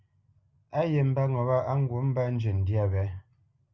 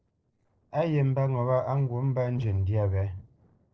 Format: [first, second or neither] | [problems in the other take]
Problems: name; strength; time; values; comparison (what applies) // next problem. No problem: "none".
first | noise reduction (neural separator model SepFormer DNS4)